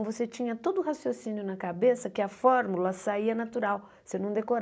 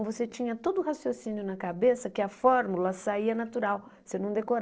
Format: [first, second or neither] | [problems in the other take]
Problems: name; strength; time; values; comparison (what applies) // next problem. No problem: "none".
first | noise reduction (neural separator model SepFormer DNS4)